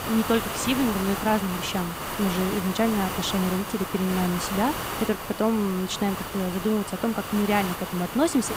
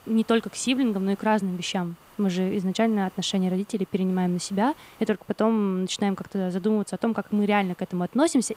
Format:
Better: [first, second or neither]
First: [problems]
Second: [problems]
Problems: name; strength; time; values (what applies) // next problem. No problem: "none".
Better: second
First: hiss; loud; throughout; 5 dB below the speech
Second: hiss; faint; throughout; 25 dB below the speech